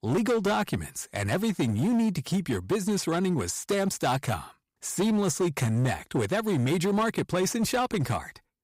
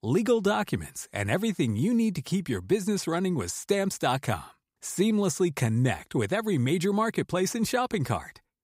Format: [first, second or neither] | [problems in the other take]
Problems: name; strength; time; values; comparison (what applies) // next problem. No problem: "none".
second | distortion; slight; 13% of the sound clipped